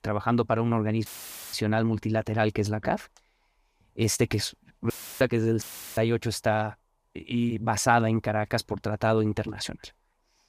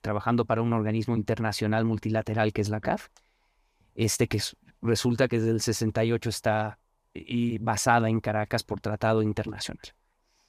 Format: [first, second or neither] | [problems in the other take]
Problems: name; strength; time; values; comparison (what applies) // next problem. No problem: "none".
second | audio cutting out; filled with static; at 1 s, at 5 s and at 5.5 s